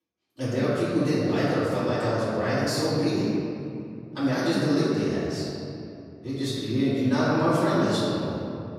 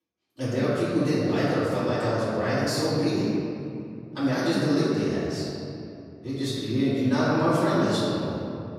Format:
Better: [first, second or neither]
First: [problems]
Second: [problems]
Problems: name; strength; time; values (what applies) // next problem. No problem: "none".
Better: neither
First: off-mic speech; far // room echo; strong; dies away in 2.6 s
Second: off-mic speech; far // room echo; strong; dies away in 2.6 s